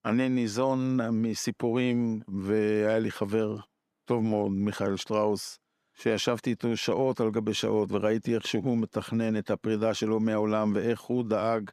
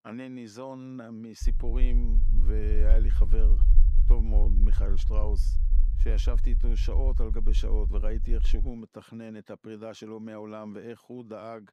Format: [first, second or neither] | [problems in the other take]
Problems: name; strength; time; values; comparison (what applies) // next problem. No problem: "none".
first | low rumble; loud; from 1.5 to 8.5 s; 10 dB below the speech